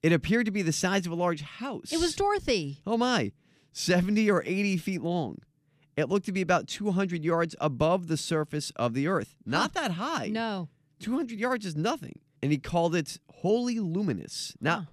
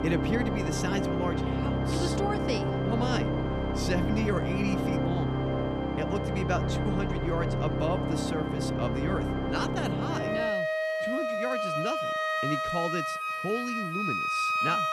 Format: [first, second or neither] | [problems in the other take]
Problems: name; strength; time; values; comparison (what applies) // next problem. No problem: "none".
first | background music; very loud; throughout; 4 dB above the speech